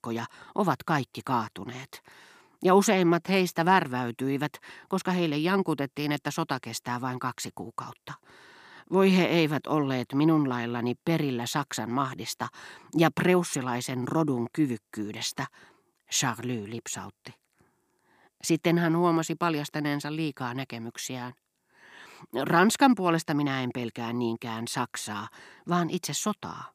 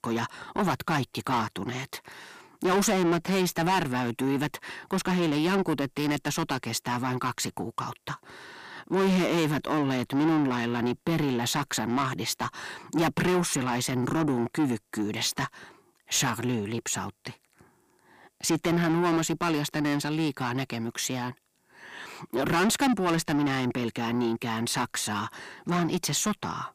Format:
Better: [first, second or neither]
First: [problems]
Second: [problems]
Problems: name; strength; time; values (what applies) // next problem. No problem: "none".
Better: first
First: none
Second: distortion; heavy; 6 dB below the speech